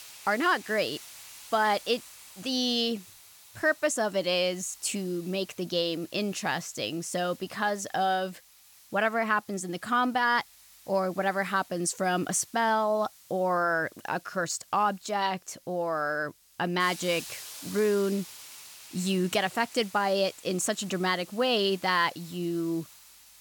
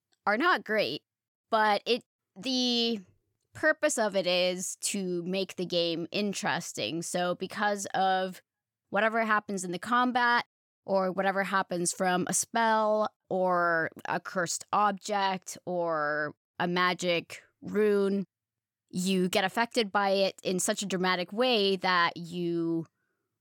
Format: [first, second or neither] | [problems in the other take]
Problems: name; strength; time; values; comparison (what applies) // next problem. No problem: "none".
second | hiss; noticeable; throughout; 20 dB below the speech